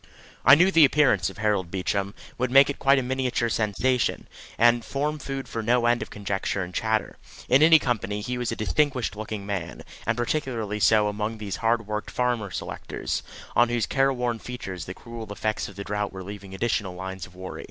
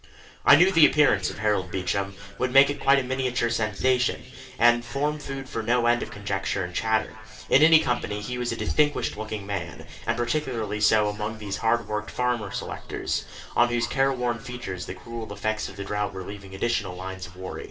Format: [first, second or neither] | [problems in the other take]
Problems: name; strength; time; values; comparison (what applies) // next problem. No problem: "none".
first | room echo; dies away in 2.7 s